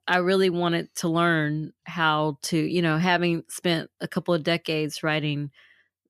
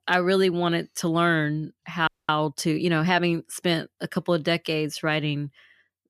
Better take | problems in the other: first | audio freezing; at 2 s

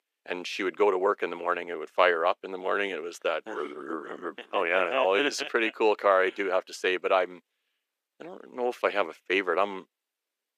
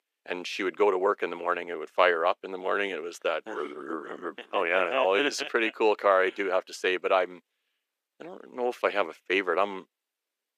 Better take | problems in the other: neither | thin; very; fading below 350 Hz; the same in both

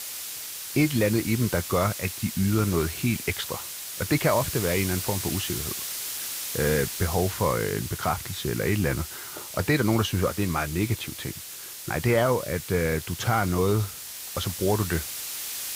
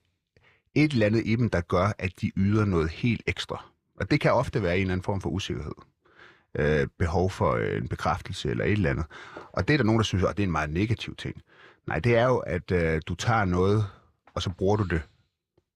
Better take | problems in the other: second | hiss; loud; throughout; 6 dB below the speech

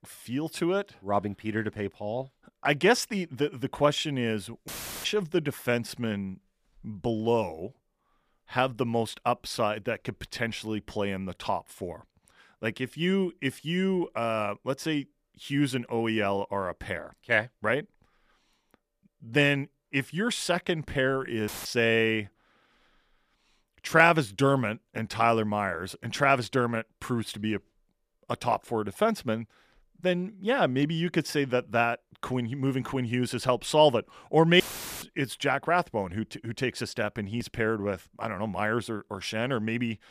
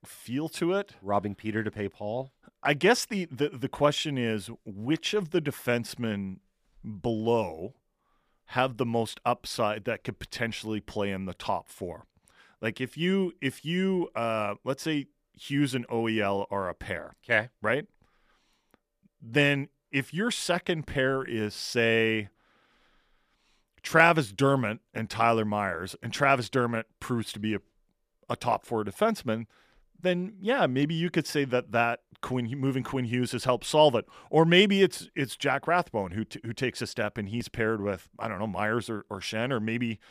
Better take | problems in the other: second | audio cutting out; filled with static; at 4.5 s, at 21 s and at 35 s

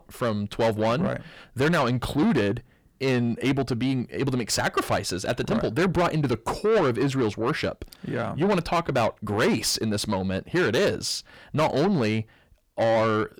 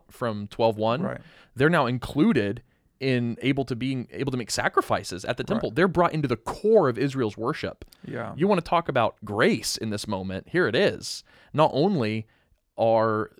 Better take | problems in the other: second | distortion; heavy; 8 dB below the speech

